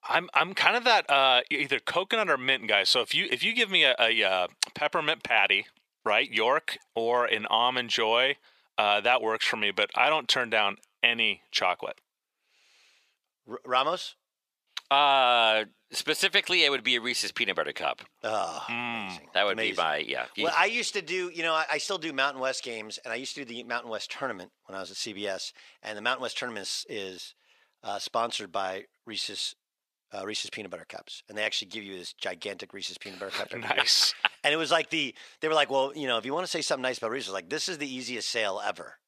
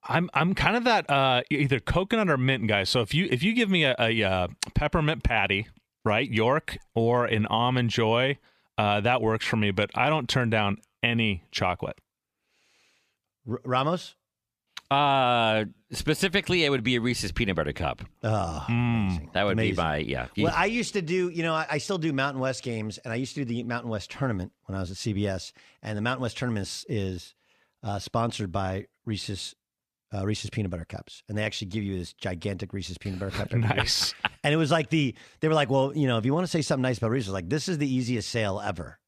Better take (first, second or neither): second